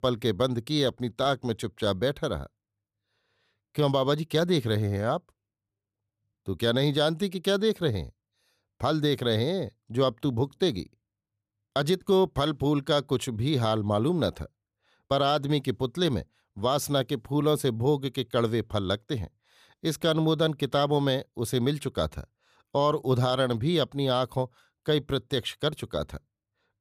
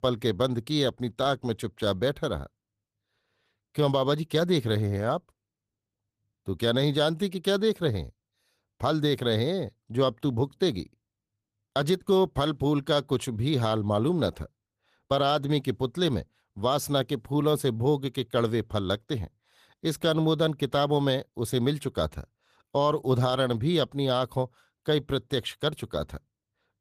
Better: first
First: none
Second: garbled, watery; slightly; nothing above 14.5 kHz

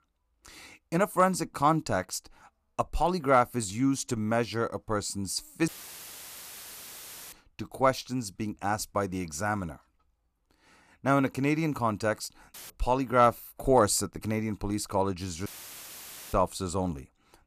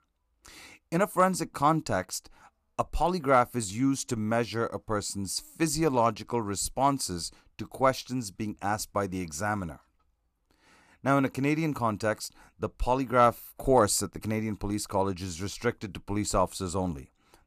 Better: second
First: audio cutting out; filled with static; at 5.5 s for 1.5 s, at 13 s and at 15 s for 1 s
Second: none

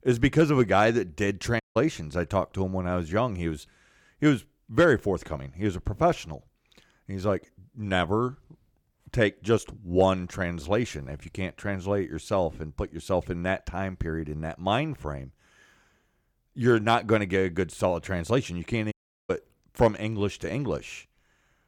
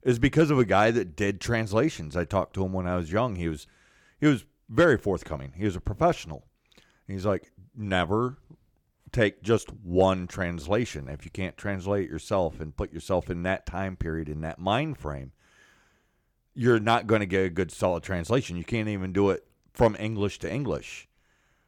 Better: second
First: audio cutting out; at 1.5 s and at 19 s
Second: none

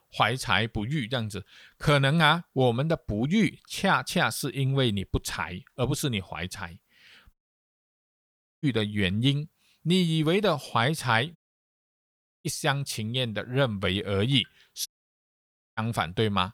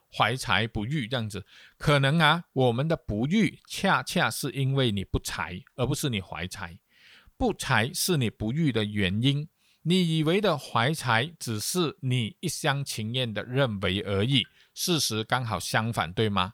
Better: second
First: audio cutting out; at 7.5 s for 1.5 s, at 11 s for 1 s and at 15 s for 1 s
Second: none

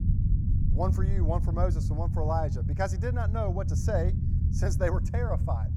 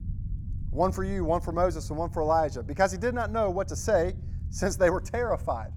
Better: second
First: low rumble; loud; throughout; 9 dB below the speech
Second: low rumble; faint; throughout; 25 dB below the speech

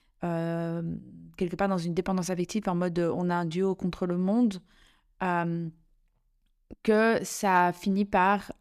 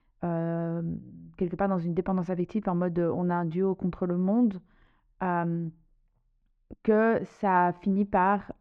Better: first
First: none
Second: muffled; very; fading above 1.5 kHz

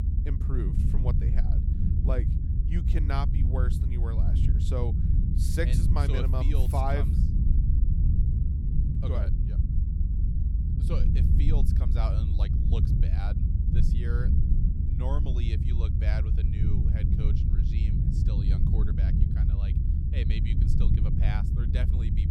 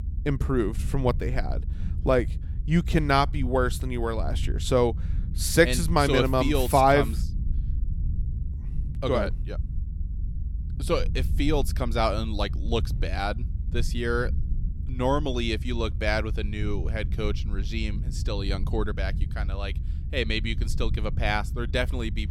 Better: second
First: low rumble; loud; throughout; 2 dB below the speech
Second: low rumble; faint; throughout; 20 dB below the speech

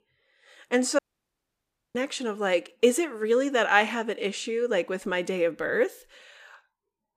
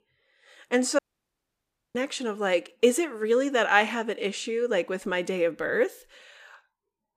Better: neither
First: audio cutting out; at 1 s for 1 s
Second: audio cutting out; at 1 s for 1 s

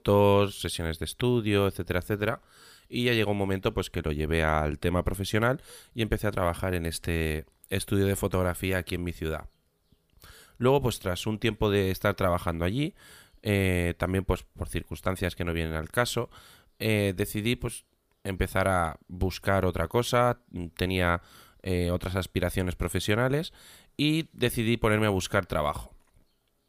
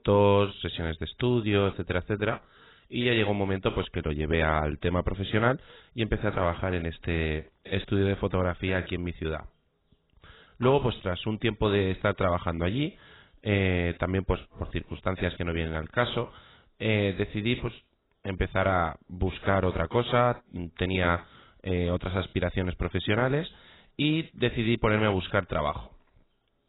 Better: first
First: none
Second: garbled, watery; badly; nothing above 4 kHz

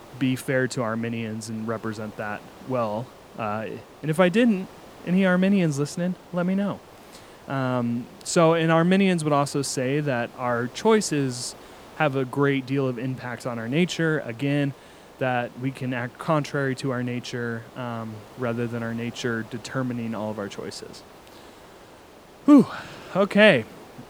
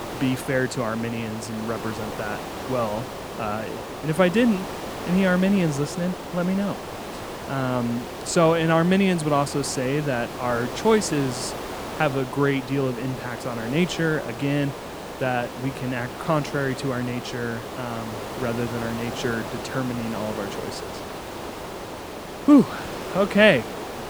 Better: first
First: hiss; faint; throughout; 20 dB below the speech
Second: hiss; loud; throughout; 9 dB below the speech

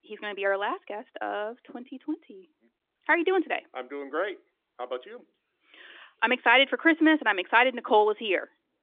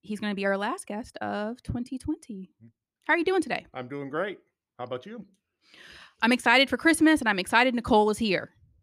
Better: second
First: phone-call audio; nothing above 3 kHz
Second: none

